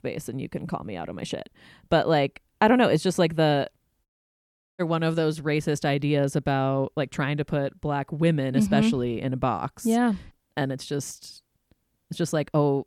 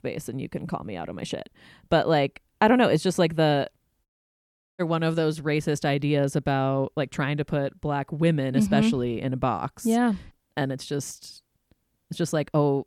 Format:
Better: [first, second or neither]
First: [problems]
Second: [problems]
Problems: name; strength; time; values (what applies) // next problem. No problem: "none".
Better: neither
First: audio cutting out; at 4 s for 0.5 s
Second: audio cutting out; at 4 s for 0.5 s